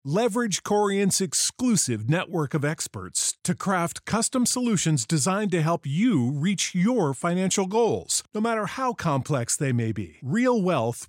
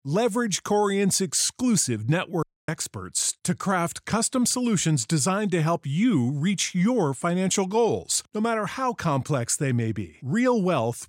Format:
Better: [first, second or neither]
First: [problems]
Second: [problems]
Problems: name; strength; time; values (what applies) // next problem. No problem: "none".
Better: first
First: none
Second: audio cutting out; at 2.5 s